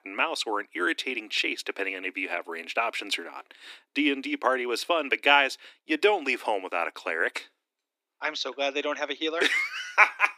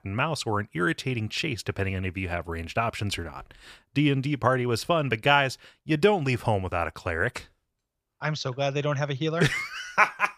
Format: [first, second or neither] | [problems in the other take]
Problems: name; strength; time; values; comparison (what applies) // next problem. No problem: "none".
second | thin; somewhat; fading below 250 Hz